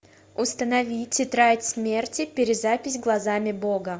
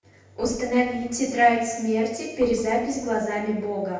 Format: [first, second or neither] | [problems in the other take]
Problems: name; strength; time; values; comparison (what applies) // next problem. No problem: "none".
first | background sound (Organ); 19 dB below the speech // room echo; dies away in 0.8 s